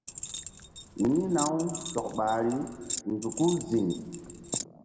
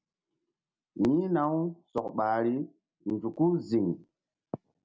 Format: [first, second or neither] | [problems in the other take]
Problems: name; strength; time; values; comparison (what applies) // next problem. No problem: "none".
second | background sound (Keys jangling); 9 dB below the speech // room echo; dies away in 1.8 s